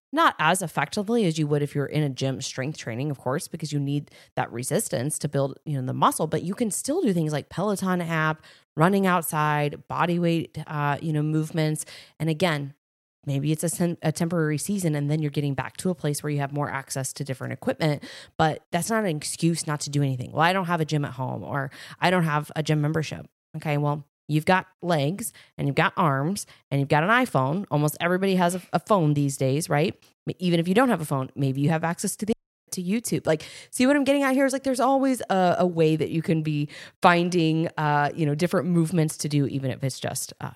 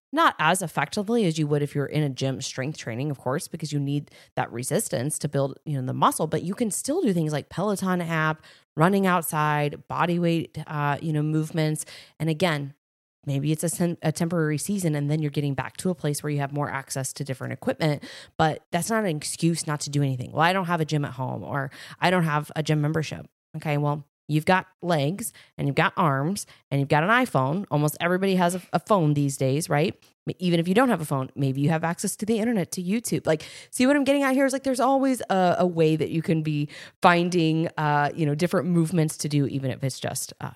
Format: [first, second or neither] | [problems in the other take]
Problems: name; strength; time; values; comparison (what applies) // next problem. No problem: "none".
second | audio cutting out; at 32 s